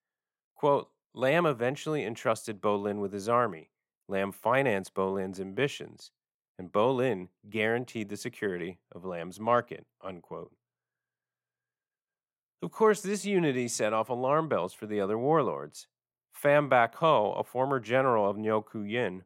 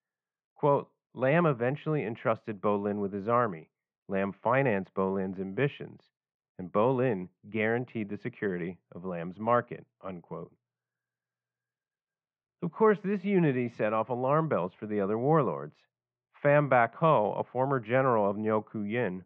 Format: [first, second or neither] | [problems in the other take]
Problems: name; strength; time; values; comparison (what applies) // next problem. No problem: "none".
first | muffled; very; fading above 2.5 kHz